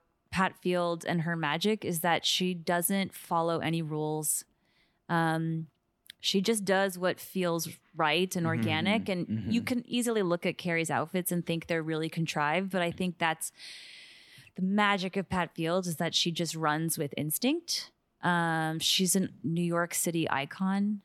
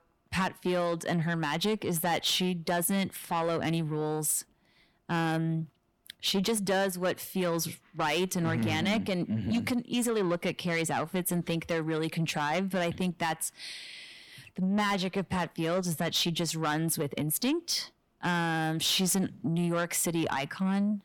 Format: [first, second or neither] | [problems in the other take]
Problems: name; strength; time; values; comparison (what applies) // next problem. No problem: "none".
first | distortion; slight; 10 dB below the speech